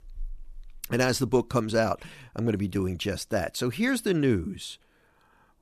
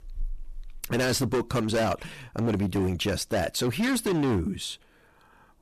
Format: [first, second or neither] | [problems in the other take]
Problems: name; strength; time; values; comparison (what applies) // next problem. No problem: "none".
first | distortion; heavy; 15% of the sound clipped